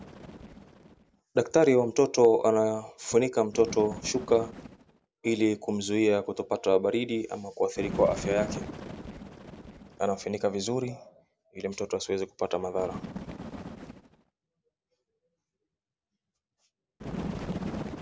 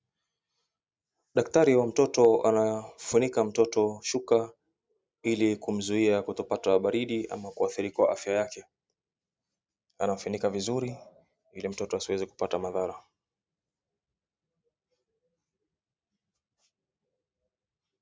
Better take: second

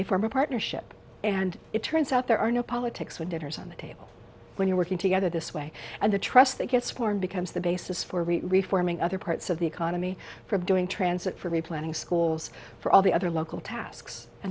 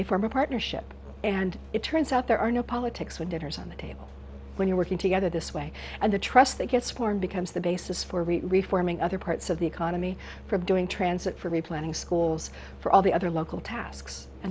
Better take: first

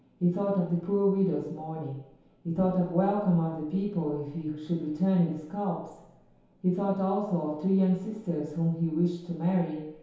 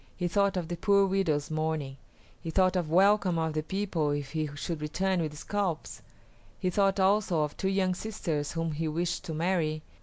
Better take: second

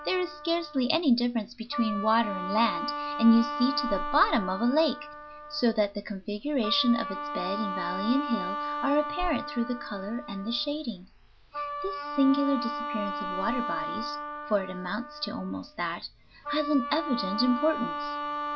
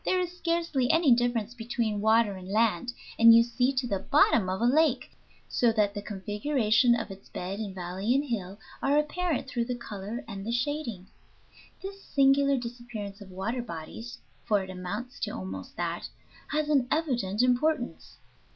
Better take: second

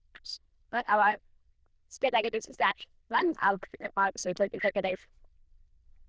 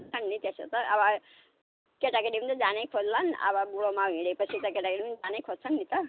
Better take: second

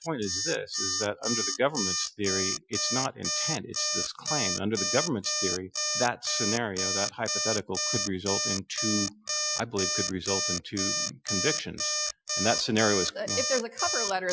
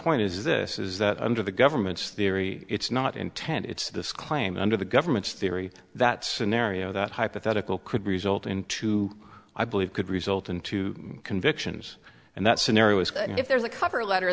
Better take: second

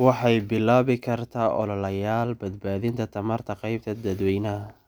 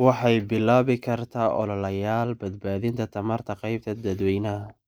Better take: first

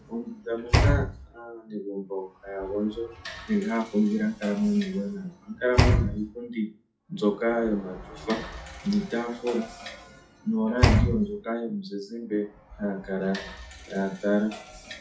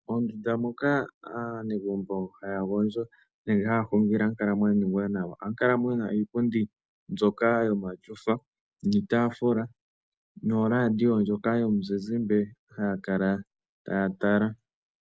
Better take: second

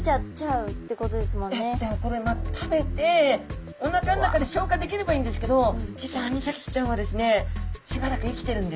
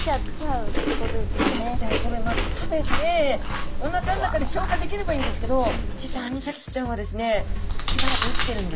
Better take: first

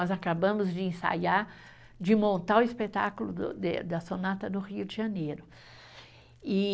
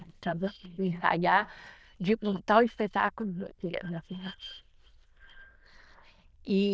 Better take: first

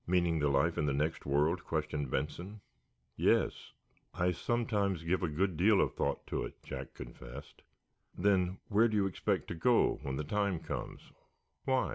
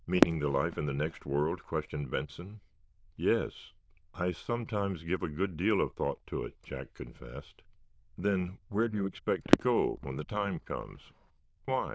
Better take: first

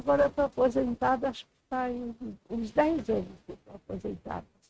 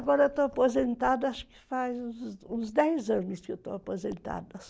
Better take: second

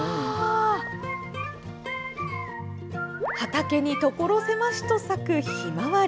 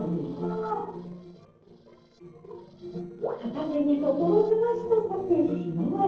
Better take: first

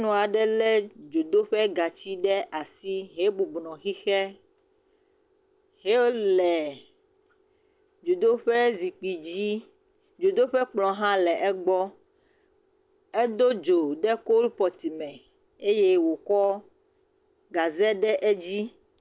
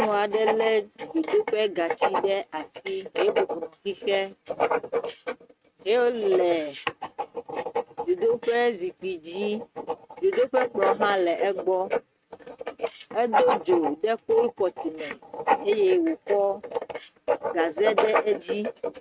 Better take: first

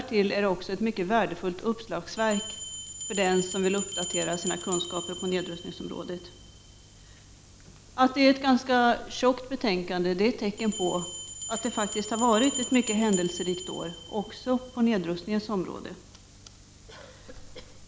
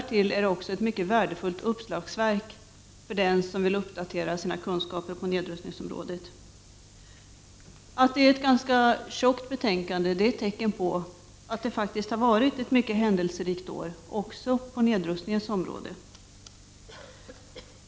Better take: second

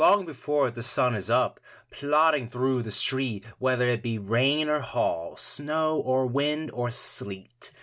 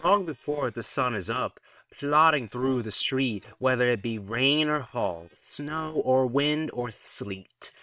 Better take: first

